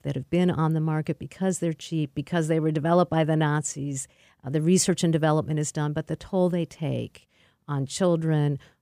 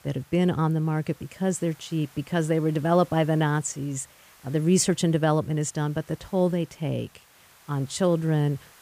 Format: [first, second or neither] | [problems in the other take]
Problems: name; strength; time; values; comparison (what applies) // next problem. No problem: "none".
first | hiss; faint; throughout; 25 dB below the speech